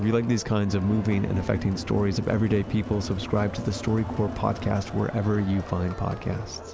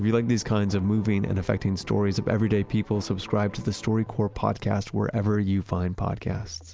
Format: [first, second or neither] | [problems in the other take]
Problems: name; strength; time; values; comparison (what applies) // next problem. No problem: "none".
second | background sound (Crowd); 10 dB below the speech